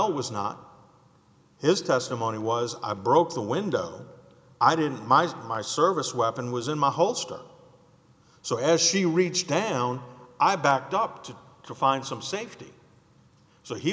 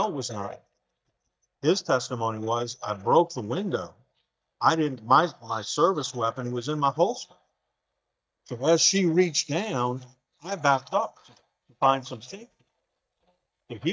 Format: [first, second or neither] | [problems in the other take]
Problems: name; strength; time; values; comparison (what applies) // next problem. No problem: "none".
first | noise reduction (neural mask model DeepFilterNet 3)